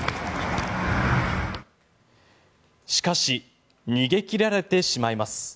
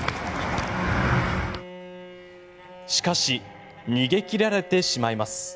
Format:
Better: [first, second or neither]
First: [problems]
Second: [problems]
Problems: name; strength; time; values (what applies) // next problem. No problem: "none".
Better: first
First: none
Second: background sound (Bowed string instrument); 15 dB below the speech